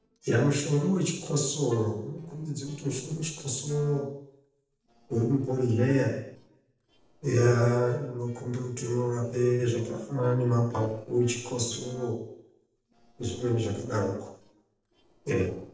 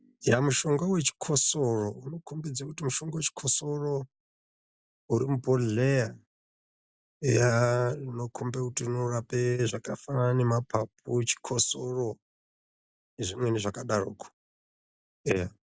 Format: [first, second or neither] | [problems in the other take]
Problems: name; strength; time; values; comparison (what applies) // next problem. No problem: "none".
second | noise reduction (neural separator model SepFormer DNS4)